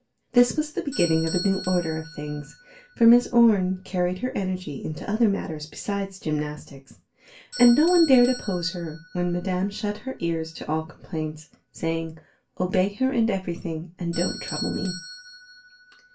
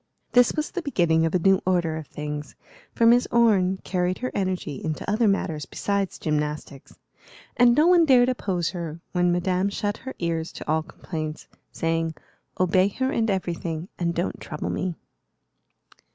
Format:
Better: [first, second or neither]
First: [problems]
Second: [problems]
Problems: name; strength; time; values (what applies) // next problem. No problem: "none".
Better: second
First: background sound (Bell / Doorbell); 16 dB below the speech // room echo; dies away in 0.2 s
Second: none